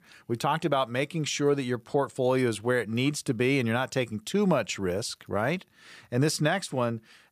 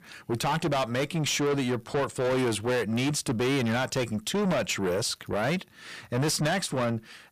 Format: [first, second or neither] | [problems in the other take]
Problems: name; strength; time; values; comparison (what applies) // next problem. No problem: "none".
first | distortion; heavy; 6 dB below the speech